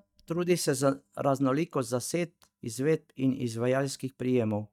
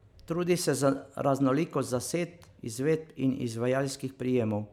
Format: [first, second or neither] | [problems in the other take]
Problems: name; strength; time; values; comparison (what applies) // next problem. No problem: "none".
second | noise reduction (neural mask model DeepFilterNet 3)